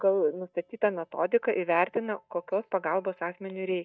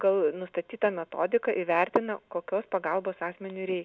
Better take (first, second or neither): second